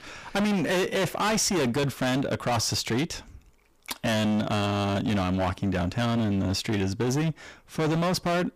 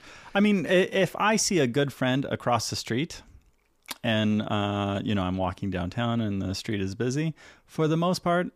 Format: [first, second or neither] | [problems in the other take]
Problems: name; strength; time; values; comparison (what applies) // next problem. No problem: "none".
second | distortion; heavy; 27% of the sound clipped